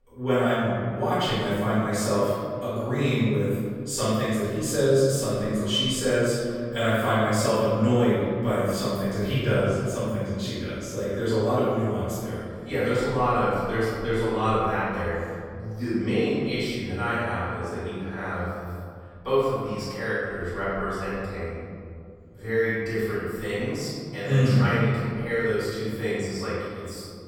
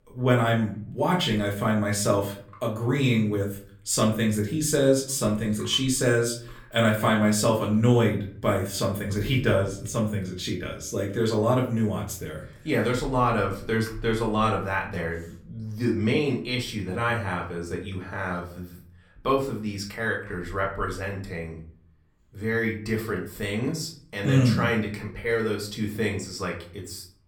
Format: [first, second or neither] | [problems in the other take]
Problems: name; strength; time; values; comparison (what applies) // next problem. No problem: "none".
second | room echo; strong; dies away in 2.2 s; slight in the second // off-mic speech; far; far in the second